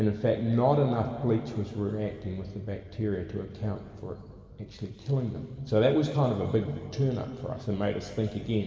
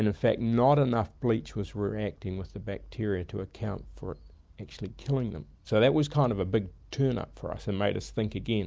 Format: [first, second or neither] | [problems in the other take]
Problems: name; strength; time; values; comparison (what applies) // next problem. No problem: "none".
second | room echo; dies away in 2.3 s